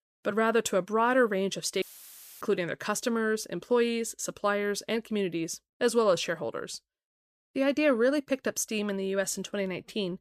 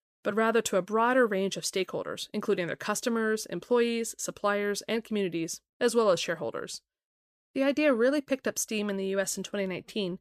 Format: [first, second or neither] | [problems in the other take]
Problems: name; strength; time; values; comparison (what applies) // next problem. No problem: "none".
second | audio cutting out; filled with static; at 2 s for 0.5 s